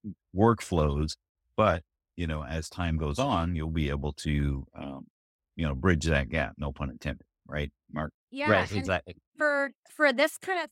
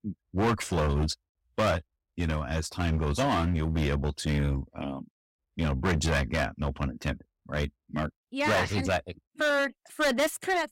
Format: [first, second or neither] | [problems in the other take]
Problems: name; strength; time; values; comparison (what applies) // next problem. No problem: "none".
first | distortion; heavy; 10% of the sound clipped